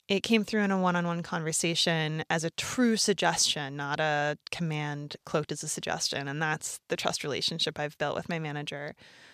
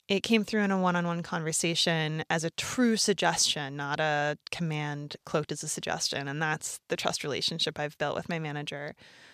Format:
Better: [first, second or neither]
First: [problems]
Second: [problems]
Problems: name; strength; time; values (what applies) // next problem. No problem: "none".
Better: neither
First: none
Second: none